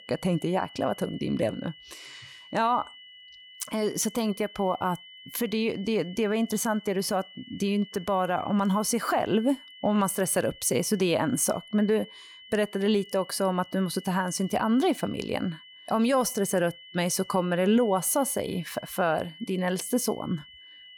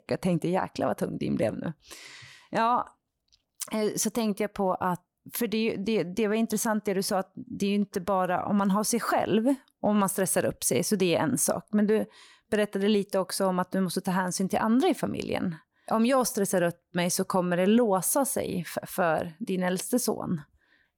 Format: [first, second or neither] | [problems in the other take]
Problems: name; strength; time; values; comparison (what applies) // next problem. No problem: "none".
second | high-pitched whine; noticeable; throughout; 3 kHz, 20 dB below the speech